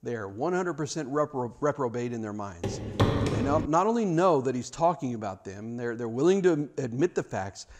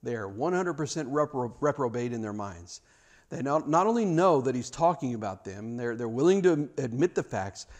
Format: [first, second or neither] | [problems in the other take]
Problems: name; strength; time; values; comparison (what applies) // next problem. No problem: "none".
second | footsteps; loud; from 2.5 to 3.5 s; peak 3 dB above the speech